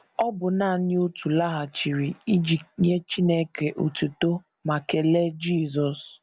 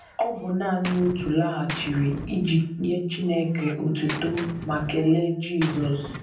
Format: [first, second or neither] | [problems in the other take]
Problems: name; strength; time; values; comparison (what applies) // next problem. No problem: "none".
first | background sound (Gunshot, gunfire); 14 dB below the speech // room echo; dies away in 0.6 s